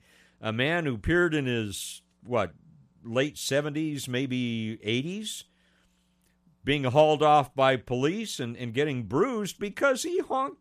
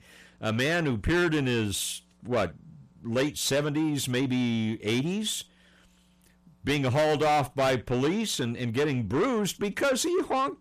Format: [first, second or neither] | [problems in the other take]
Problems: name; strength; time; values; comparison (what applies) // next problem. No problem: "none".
first | distortion; heavy; 6 dB below the speech